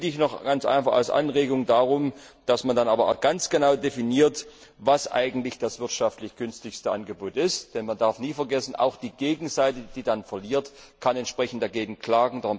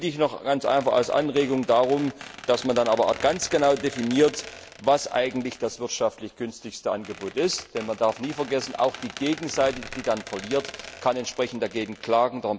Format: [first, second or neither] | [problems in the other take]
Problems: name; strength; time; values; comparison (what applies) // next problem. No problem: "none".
first | background sound (Squeak); 17 dB below the speech